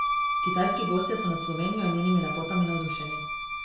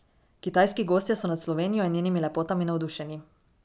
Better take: second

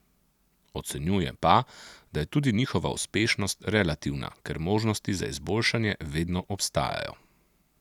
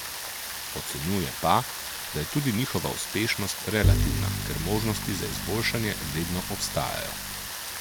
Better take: first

